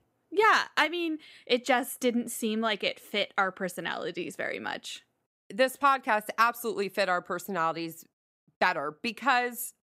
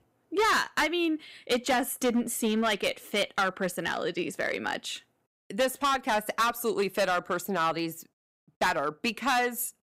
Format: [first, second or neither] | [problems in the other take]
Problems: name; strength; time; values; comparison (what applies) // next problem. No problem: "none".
first | distortion; heavy; 8% of the sound clipped